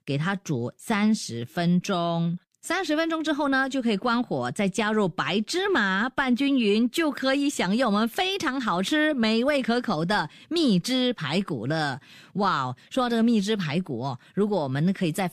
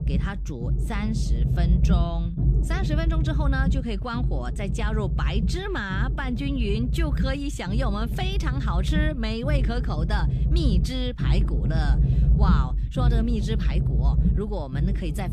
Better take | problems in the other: first | low rumble; loud; throughout; 6 dB below the speech

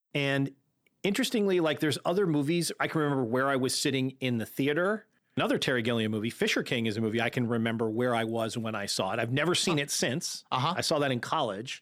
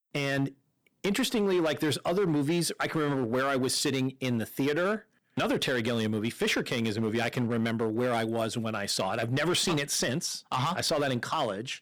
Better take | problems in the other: first | distortion; slight; 9% of the sound clipped

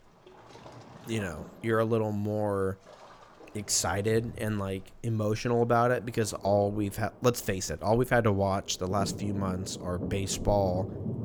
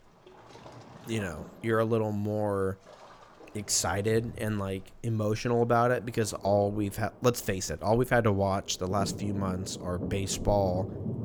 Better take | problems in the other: neither | rain or running water; noticeable; throughout; 15 dB below the speech; the same in both

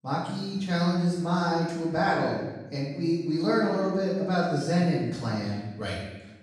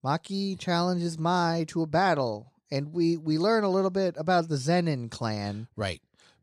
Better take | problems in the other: second | off-mic speech; far // room echo; noticeable; dies away in 1 s

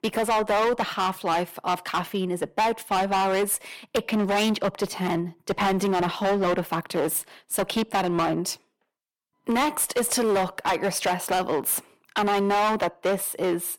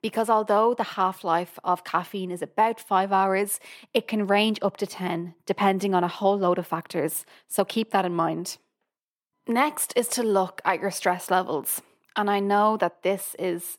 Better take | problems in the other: second | distortion; heavy; 15% of the sound clipped

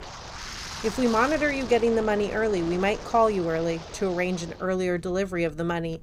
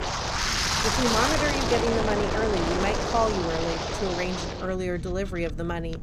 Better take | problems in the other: first | wind noise on the microphone; heavy; 2 dB above the speech; occasional gusts in the first

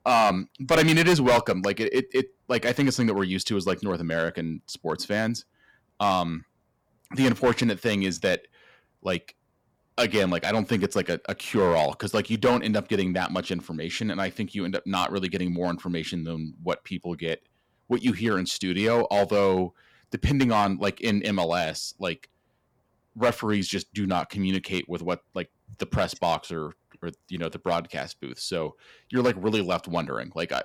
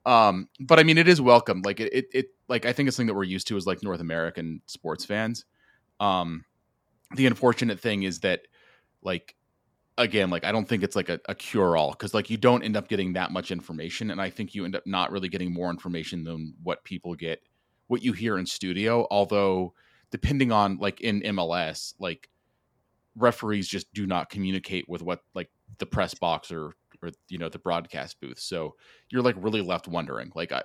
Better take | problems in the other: second | distortion; heavy; 3% of the sound clipped

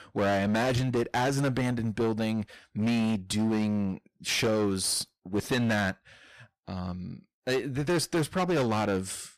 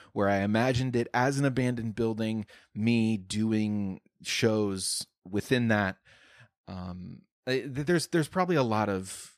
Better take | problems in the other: second | distortion; heavy; 17% of the sound clipped

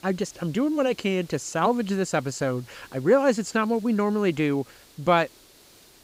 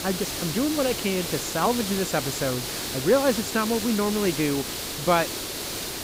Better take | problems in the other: first | hiss; loud; throughout; 4 dB below the speech; faint in the first

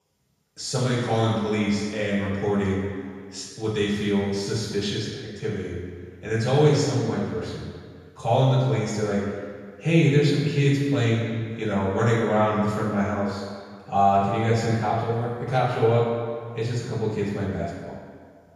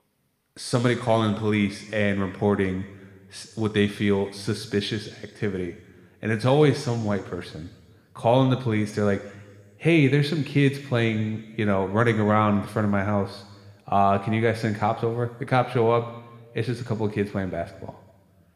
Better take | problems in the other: second | room echo; strong; dies away in 1.7 s; slight in the second // off-mic speech; far

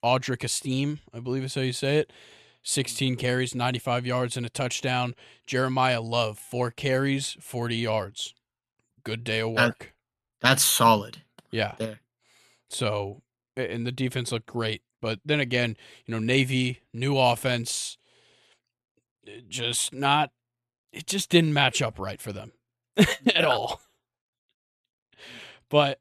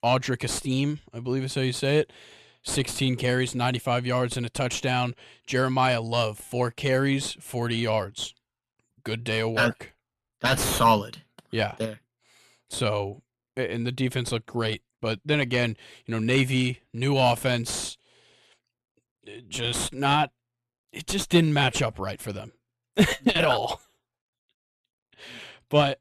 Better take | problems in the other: first | distortion; slight; 8 dB below the speech

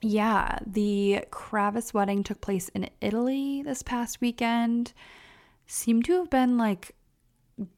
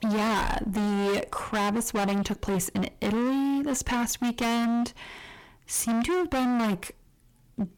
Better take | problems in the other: first | distortion; heavy; 32% of the sound clipped

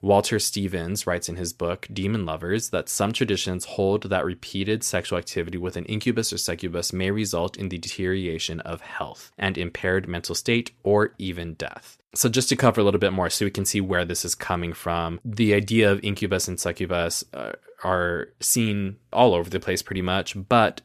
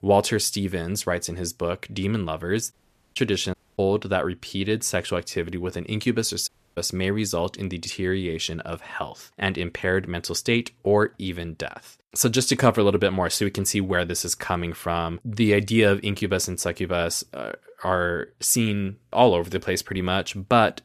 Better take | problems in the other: first | audio cutting out; at 2.5 s, at 3.5 s and at 6.5 s

